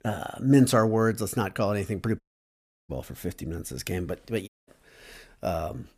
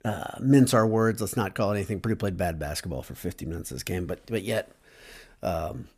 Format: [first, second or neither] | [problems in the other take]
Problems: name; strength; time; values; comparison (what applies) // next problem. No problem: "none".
second | audio cutting out; at 2 s for 0.5 s and at 4.5 s